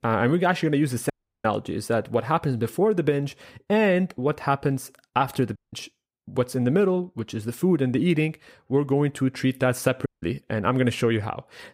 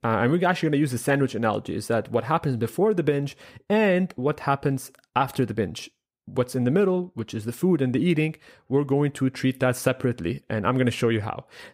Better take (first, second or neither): second